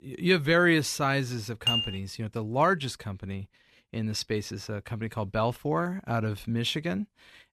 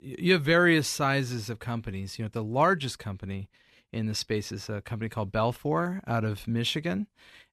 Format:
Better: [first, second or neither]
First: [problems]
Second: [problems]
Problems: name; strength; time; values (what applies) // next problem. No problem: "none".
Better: second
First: clattering dishes; loud; at 1.5 s; peak 2 dB above the speech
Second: none